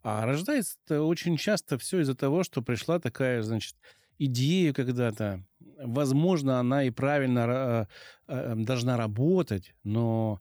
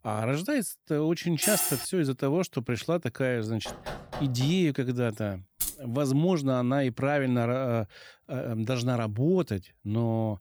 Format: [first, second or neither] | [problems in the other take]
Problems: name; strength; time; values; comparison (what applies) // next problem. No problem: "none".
first | clattering dishes; loud; at 1.5 s; peak 3 dB above the speech // door banging; noticeable; at 3.5 s; peak 10 dB below the speech // jangling keys; noticeable; at 5.5 s; peak 3 dB below the speech